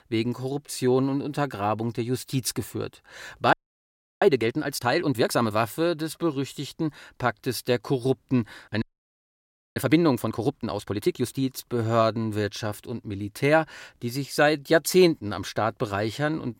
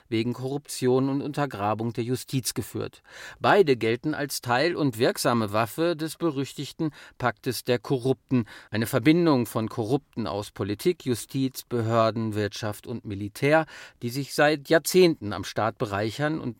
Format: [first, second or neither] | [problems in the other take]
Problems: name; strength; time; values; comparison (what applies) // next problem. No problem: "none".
second | audio freezing; at 3.5 s for 0.5 s and at 9 s for 1 s